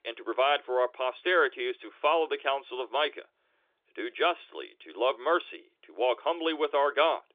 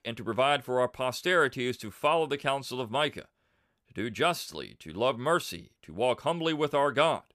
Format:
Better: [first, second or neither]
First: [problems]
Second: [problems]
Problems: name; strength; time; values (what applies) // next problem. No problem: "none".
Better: second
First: phone-call audio; nothing above 3.5 kHz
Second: none